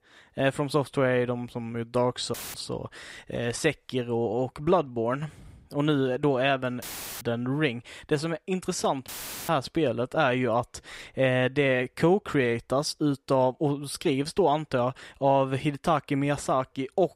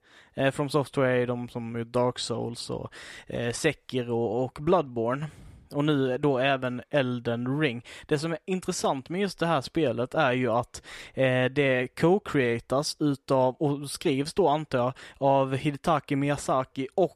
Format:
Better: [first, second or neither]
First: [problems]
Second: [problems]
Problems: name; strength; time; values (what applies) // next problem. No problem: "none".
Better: second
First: audio cutting out; filled with static; at 2.5 s, at 7 s and at 9 s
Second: none